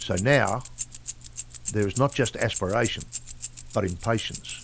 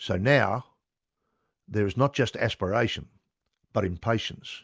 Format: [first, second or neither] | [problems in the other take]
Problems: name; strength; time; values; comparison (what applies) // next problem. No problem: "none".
second | background sound (Keys jangling); 10 dB below the speech